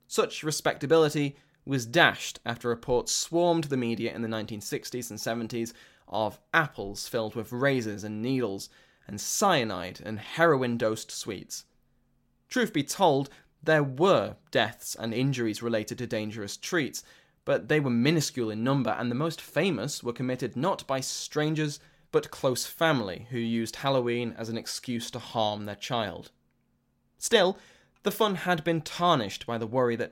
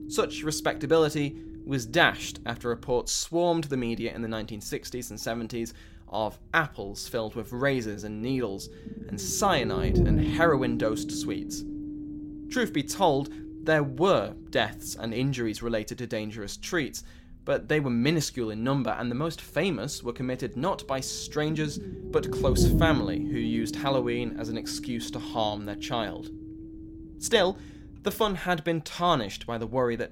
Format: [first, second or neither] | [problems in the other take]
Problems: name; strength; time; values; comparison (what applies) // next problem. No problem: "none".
first | low rumble; noticeable; throughout; 10 dB below the speech